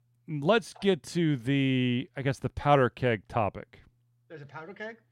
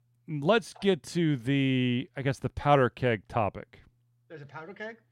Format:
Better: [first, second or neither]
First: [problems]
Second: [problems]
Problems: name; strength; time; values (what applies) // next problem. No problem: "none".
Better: neither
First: none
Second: none